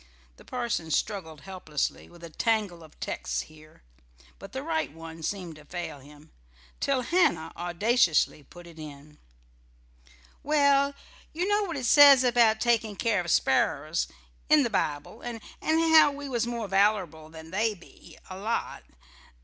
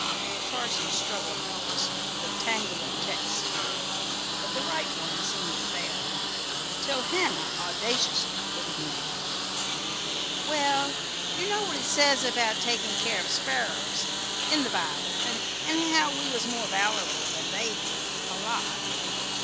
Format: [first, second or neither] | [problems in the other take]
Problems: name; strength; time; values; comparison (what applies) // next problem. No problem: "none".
first | background sound (Engine); 2 dB above the speech